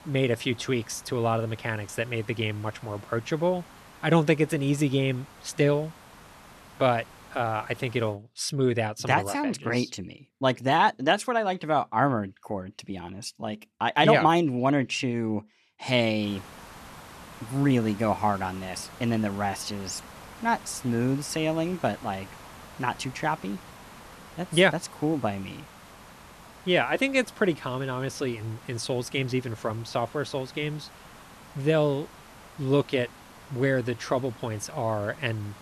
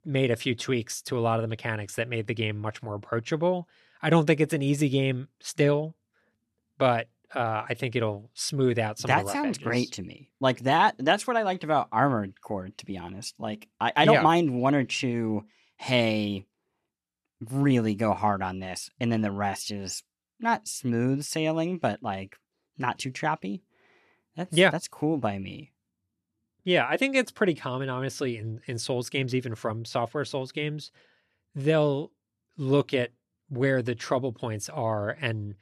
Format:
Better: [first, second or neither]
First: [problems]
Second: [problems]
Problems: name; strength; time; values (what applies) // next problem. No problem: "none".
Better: second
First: hiss; noticeable; until 8 s and from 16 s on; 20 dB below the speech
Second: none